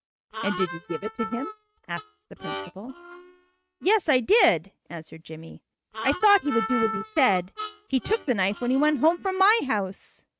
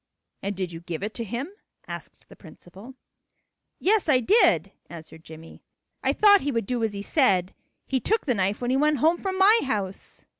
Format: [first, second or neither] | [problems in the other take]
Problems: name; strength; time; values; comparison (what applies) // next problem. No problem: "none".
second | noise reduction (neural mask model RNNoise)